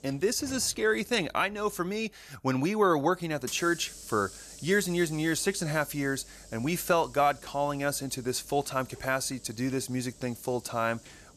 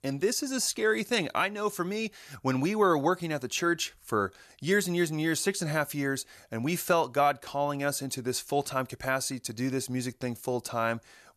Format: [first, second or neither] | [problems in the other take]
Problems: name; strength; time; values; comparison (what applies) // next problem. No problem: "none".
second | hiss; noticeable; throughout; 20 dB below the speech